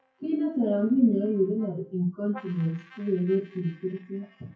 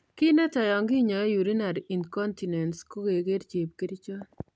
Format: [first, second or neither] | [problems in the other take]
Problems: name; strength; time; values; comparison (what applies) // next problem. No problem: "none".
second | noise reduction (classical method WPE with log-MMSE)